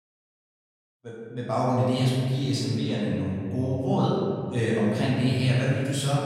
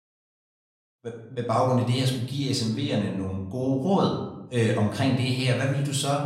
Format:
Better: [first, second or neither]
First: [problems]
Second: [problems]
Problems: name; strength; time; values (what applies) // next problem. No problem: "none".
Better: second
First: room echo; strong; dies away in 2.3 s // off-mic speech; far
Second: room echo; slight; dies away in 0.7 s // off-mic speech; far